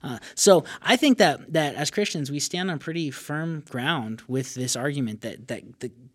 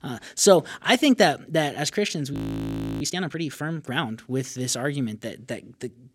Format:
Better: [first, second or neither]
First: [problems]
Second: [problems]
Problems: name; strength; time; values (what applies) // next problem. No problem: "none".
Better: first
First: none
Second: audio freezing; at 2.5 s for 0.5 s